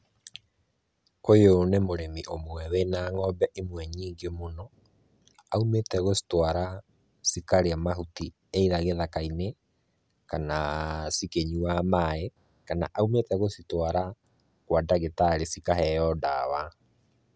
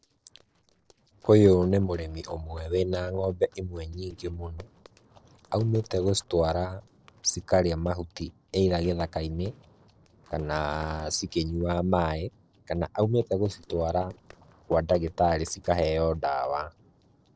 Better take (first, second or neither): first